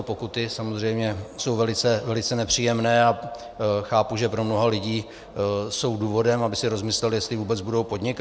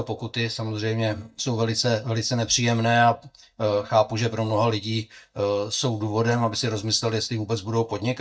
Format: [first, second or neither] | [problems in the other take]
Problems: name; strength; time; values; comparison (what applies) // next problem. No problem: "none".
first | noise reduction (neural mask model DeepFilterNet 3)